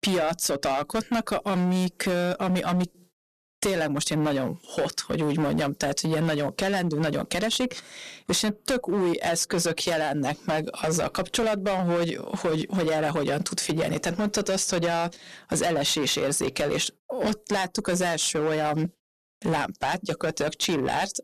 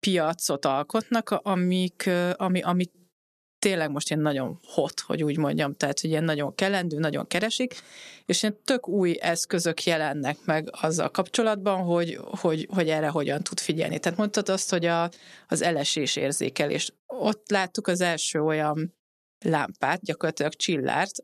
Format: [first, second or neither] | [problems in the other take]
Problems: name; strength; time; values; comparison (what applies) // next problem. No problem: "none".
second | distortion; heavy; 15% of the sound clipped